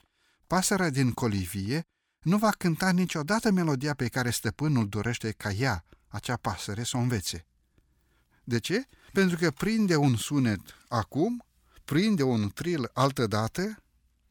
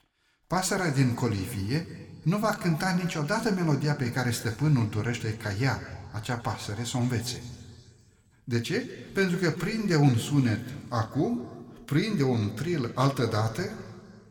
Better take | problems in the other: first | room echo; very slight; dies away in 1.7 s

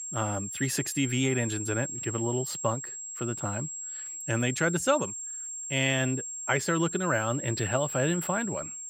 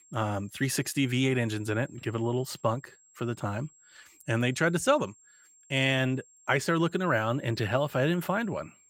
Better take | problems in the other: second | high-pitched whine; loud; throughout; 7.5 kHz, 5 dB below the speech; faint in the second

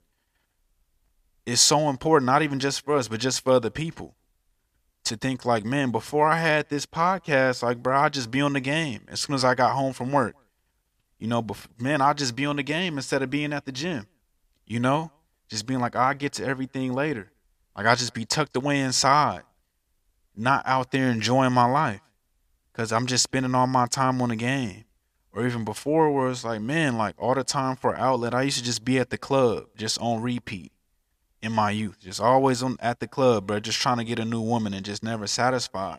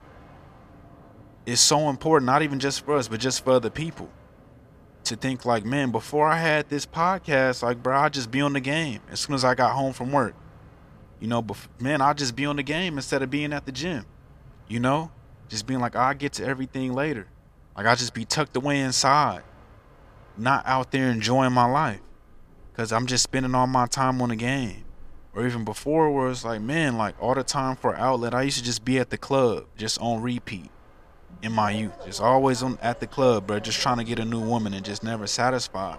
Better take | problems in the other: first | train or aircraft noise; faint; throughout; 25 dB below the speech

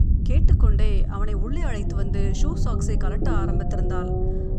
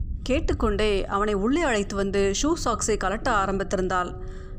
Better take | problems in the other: second | low rumble; loud; throughout; as loud as the speech; faint in the second

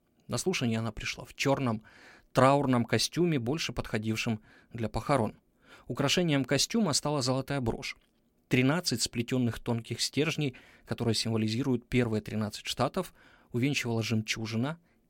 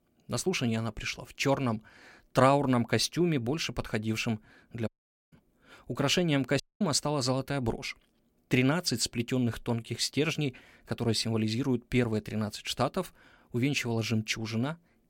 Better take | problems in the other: first | audio cutting out; at 5 s and at 6.5 s

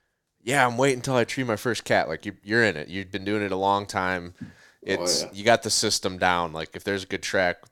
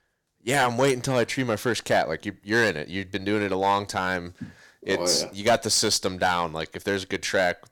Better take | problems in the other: first | distortion; slight; 2% of the sound clipped

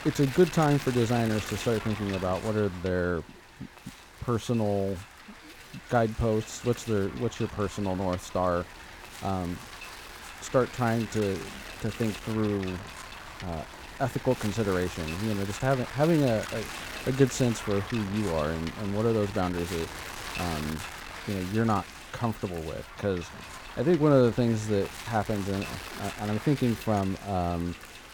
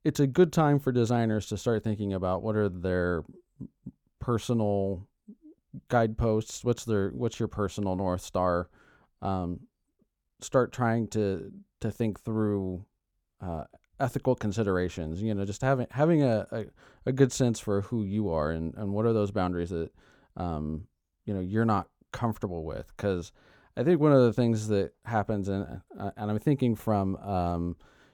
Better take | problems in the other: second | wind noise on the microphone; heavy; 9 dB below the speech

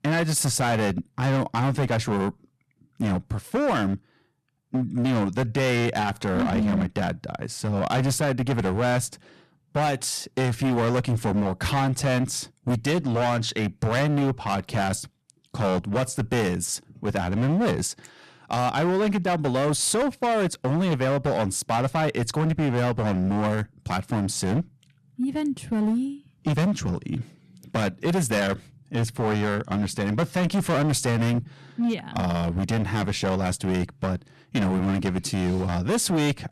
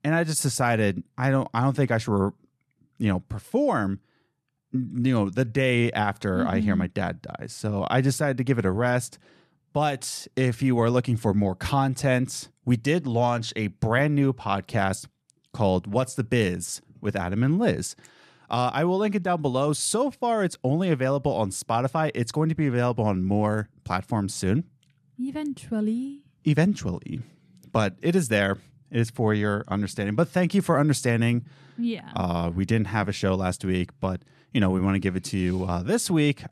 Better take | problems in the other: second | distortion; heavy; 18% of the sound clipped

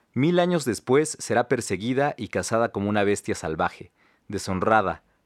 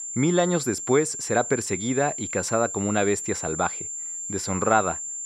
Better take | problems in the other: first | high-pitched whine; loud; throughout; 7.5 kHz, 6 dB below the speech

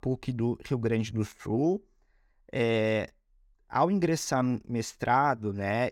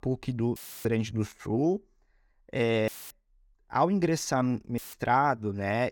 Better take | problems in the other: first | audio cutting out; filled with static; at 0.5 s, at 3 s and at 5 s

